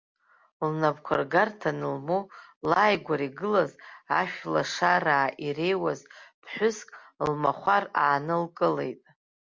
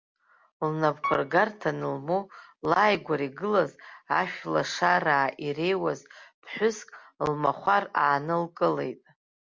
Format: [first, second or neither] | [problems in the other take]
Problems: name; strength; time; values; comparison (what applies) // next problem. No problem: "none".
first | background sound (Piano); 11 dB below the speech